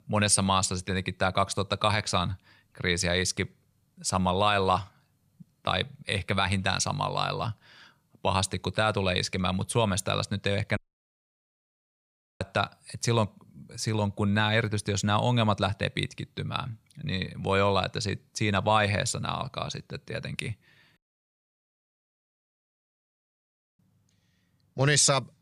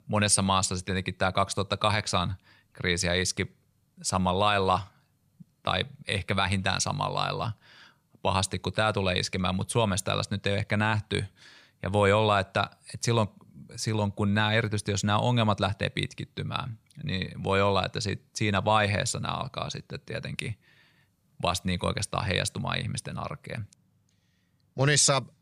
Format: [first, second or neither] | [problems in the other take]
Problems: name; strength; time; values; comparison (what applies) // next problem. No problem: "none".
second | audio cutting out; at 11 s for 1.5 s and at 21 s for 3 s